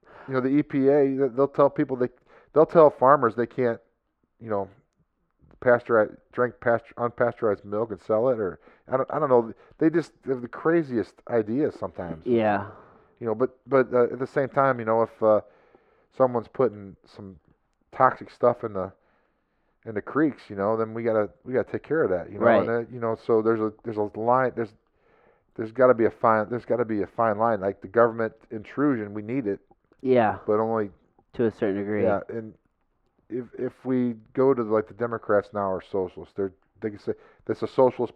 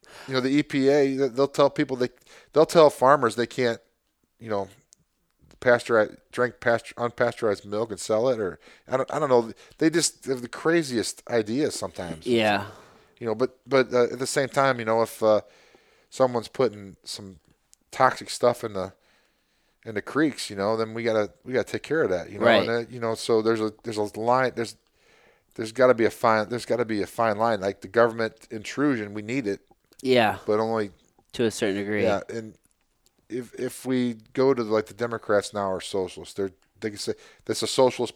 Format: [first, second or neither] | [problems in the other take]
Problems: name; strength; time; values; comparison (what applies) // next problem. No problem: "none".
second | muffled; very; fading above 3.5 kHz